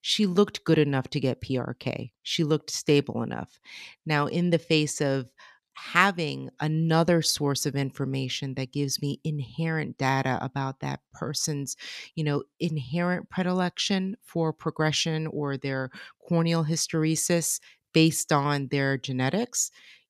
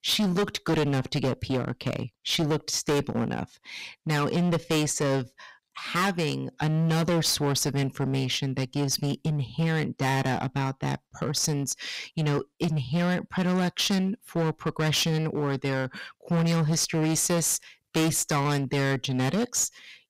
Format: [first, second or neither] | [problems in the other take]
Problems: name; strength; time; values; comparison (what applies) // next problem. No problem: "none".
first | distortion; heavy; 16% of the sound clipped